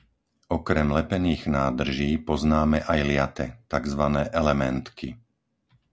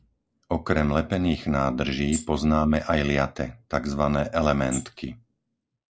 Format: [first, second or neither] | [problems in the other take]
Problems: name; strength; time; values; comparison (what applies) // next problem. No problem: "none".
first | noise reduction (neural mask model Resemble Enhance denoiser)